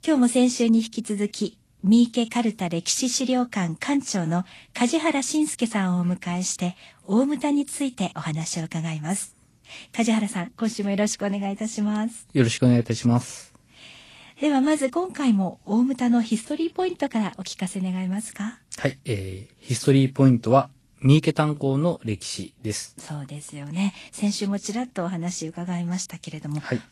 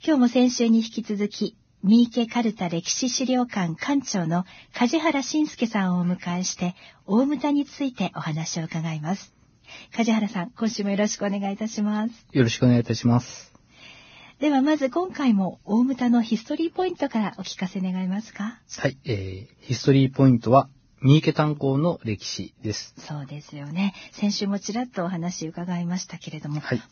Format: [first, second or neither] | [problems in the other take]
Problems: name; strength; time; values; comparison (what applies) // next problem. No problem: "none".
first | garbled, watery; badly; nothing above 6.5 kHz; slightly in the first